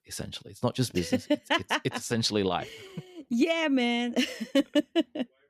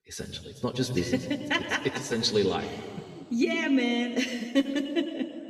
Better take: first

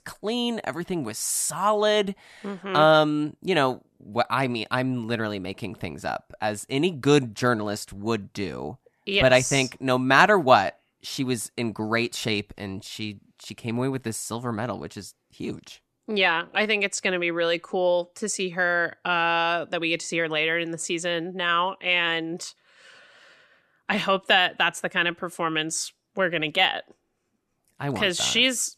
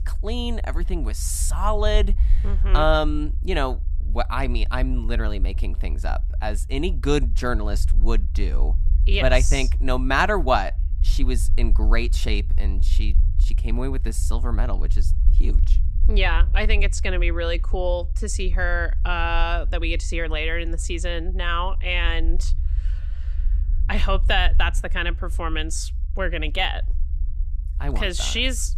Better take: first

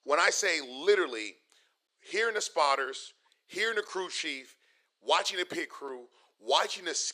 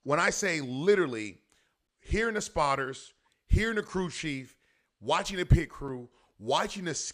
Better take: second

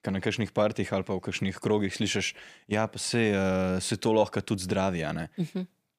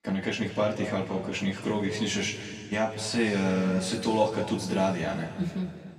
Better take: first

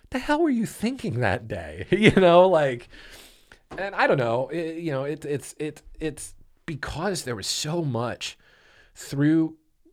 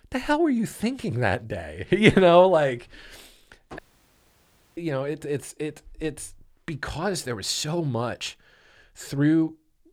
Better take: first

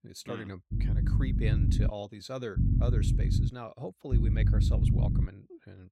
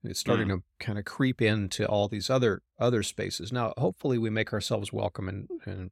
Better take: second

